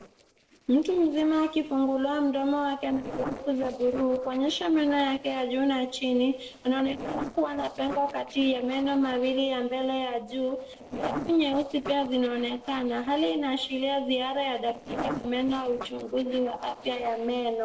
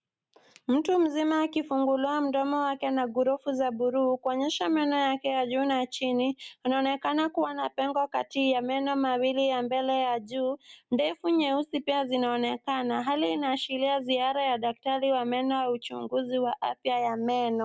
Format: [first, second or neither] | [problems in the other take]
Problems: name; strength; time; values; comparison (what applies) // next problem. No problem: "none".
second | noise reduction (neural separator model SepFormer DNS4)